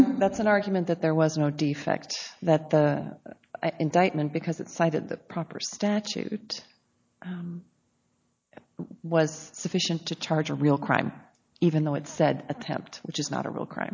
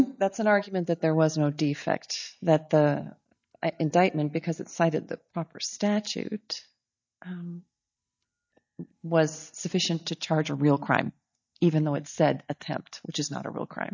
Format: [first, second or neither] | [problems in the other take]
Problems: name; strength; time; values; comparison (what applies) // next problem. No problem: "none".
first | noise reduction (neural mask model DeepFilterNet 3)